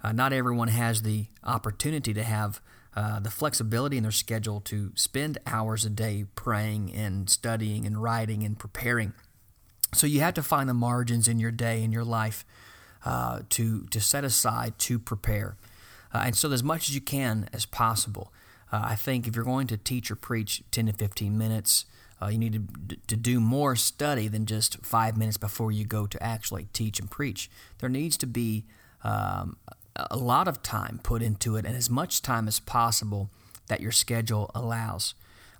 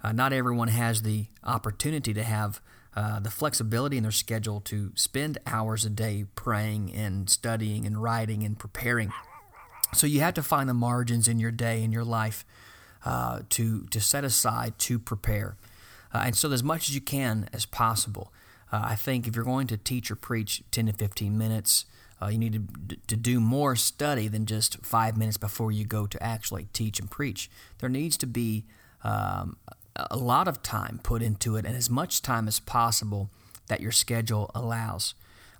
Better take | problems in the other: first | dog barking; faint; at 9 s; peak 15 dB below the speech

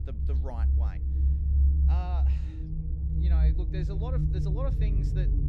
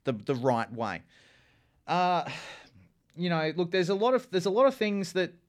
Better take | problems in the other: second | low rumble; loud; throughout; as loud as the speech

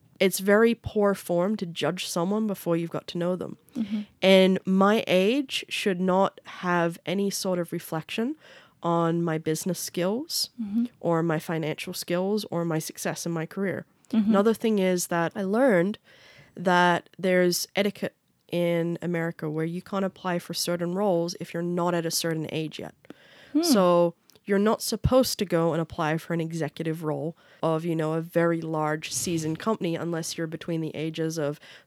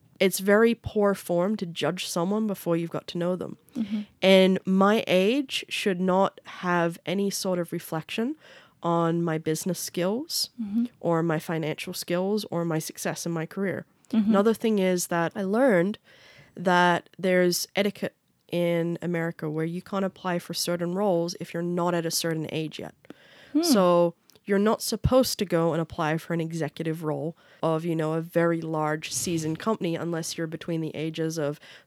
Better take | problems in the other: neither | none

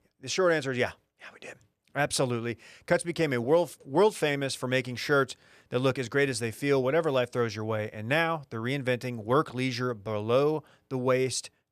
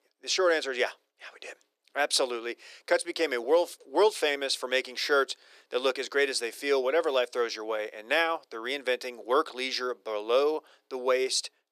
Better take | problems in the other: first | thin; somewhat; fading below 350 Hz

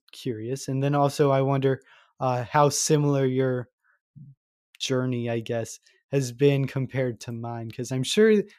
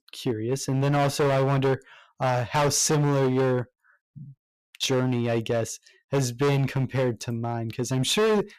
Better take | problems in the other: first | distortion; heavy; 14% of the sound clipped

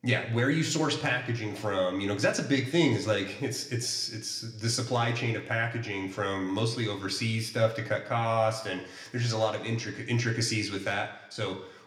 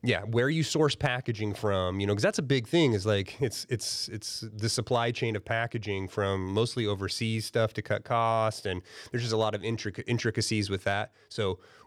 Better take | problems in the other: second | room echo; very slight; dies away in 0.6 s

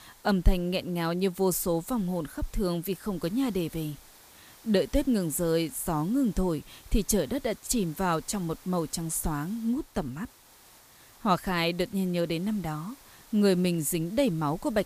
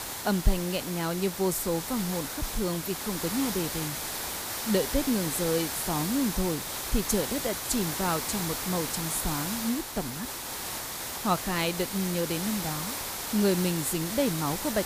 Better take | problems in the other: first | hiss; loud; throughout; 2 dB below the speech; faint in the first

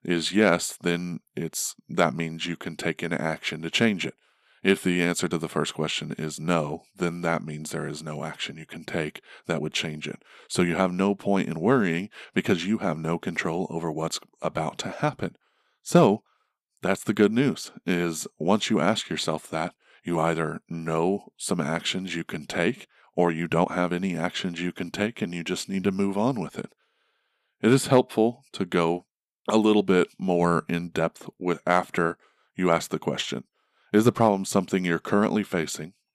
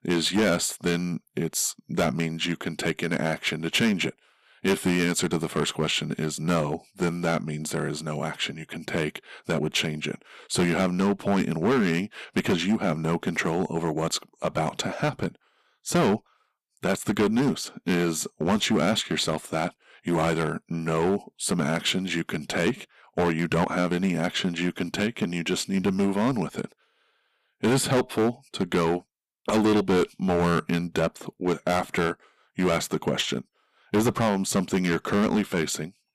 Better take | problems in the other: first | distortion; heavy; 7% of the sound clipped

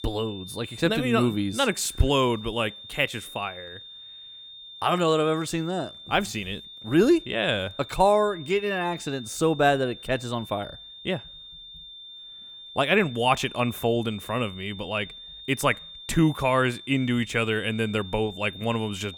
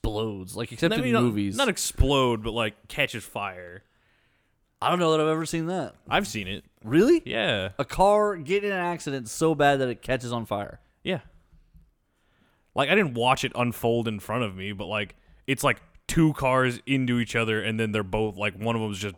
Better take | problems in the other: second | high-pitched whine; noticeable; throughout; 3.5 kHz, 15 dB below the speech

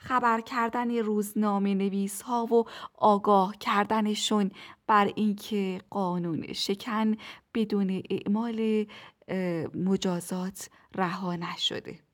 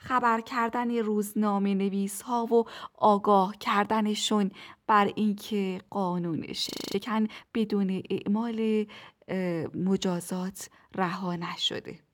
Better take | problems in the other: first | audio freezing; at 6.5 s

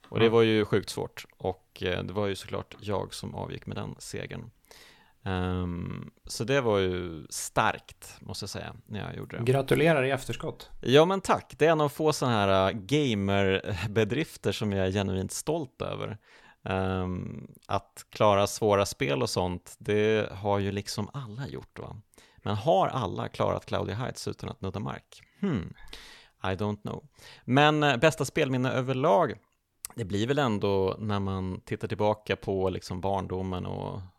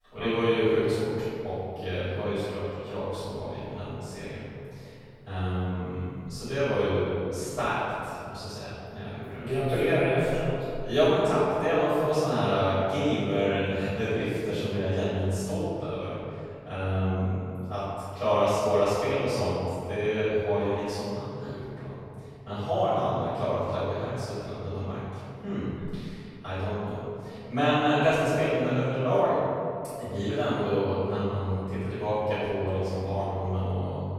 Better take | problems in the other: first | room echo; strong; dies away in 2.4 s // off-mic speech; far

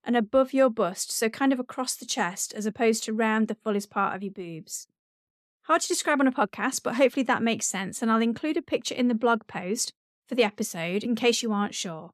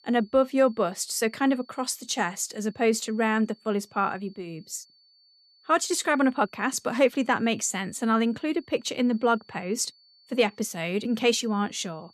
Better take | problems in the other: first | high-pitched whine; faint; throughout; 4.5 kHz, 30 dB below the speech

